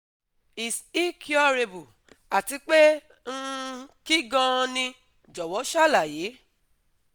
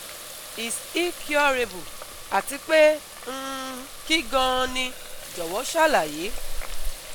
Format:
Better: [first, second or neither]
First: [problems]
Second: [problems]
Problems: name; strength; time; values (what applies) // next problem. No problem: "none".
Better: first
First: none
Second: background sound (Water tap, faucet); 7 dB below the speech